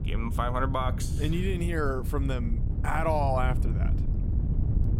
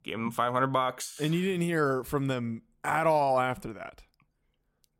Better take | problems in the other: second | wind noise on the microphone; occasional gusts; 15 dB below the speech

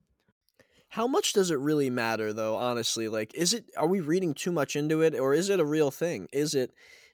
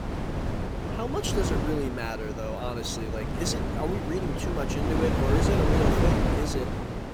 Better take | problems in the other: first | wind noise on the microphone; heavy; 1 dB above the speech

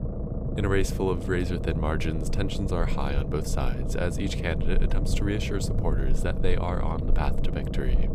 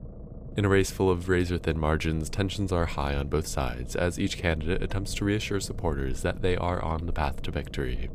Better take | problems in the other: second | low rumble; loud; throughout; 6 dB below the speech; faint in the second

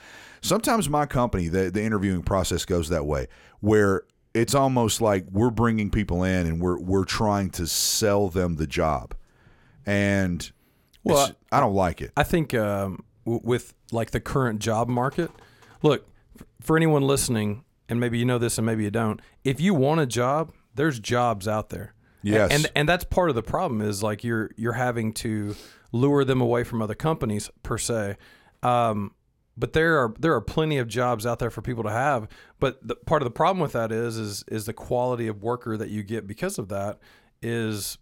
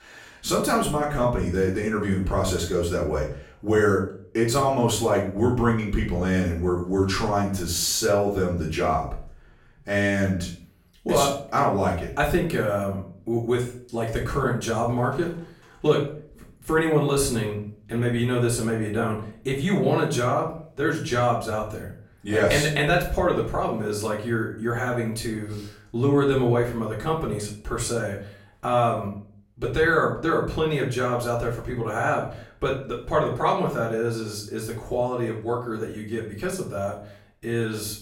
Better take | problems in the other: first | room echo; slight; dies away in 0.4 s // off-mic speech; far

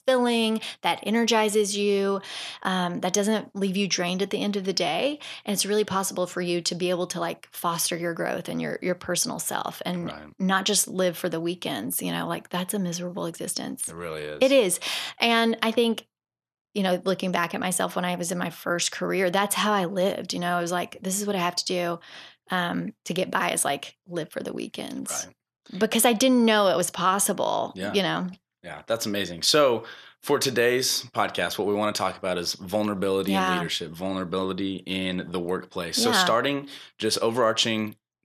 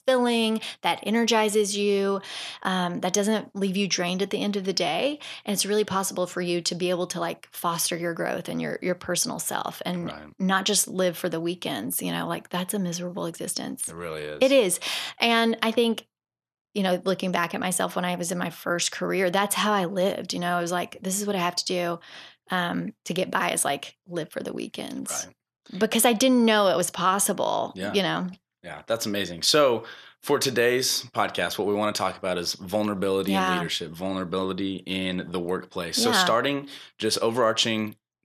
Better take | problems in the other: neither | none

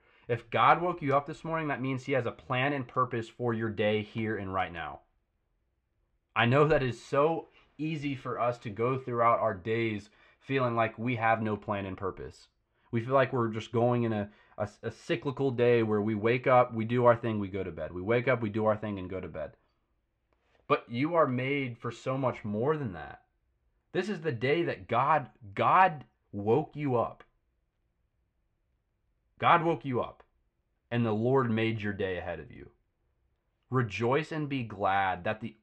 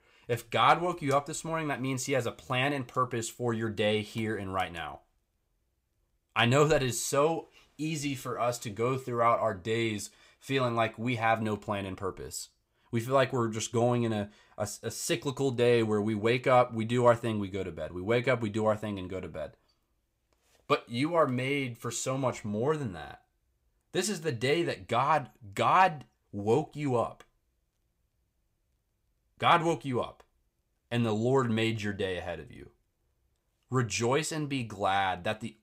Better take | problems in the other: second | muffled; very; fading above 2 kHz

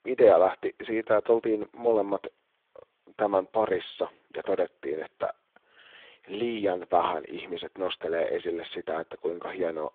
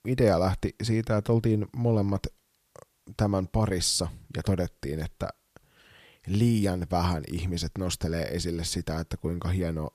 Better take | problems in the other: second | phone-call audio; poor line

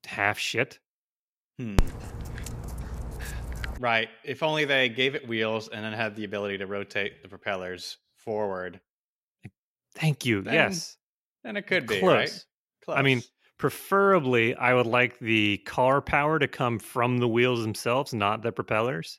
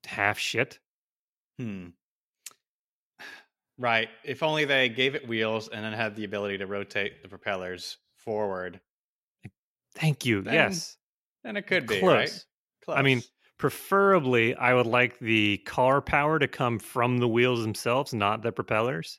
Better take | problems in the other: second | dog barking; noticeable; from 2 to 3.5 s; peak 3 dB below the speech

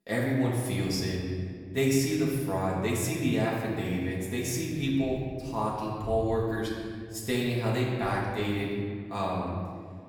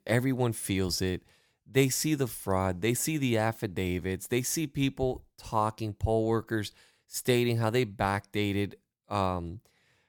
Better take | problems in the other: second | off-mic speech; far // room echo; noticeable; dies away in 1.8 s

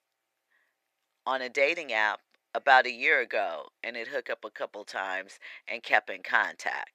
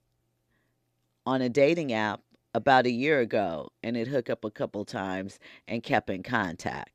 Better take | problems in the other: second | thin; very; fading below 750 Hz

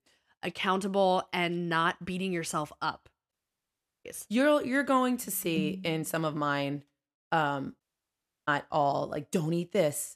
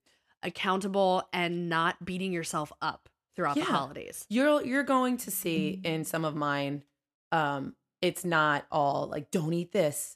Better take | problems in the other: second | audio cutting out; at 3.5 s for 0.5 s and at 8 s for 0.5 s

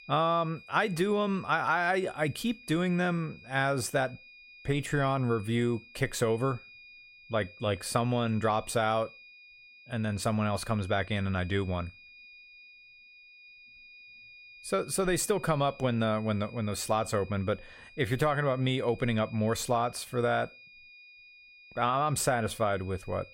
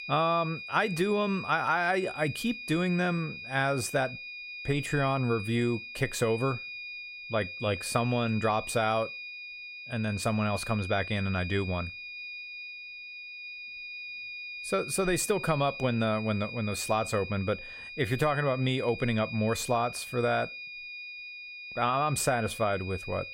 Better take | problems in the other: first | high-pitched whine; loud; throughout; 2.5 kHz, 9 dB below the speech; faint in the first

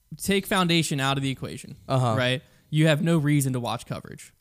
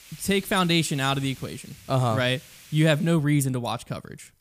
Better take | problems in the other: first | hiss; faint; until 3 s; 20 dB below the speech

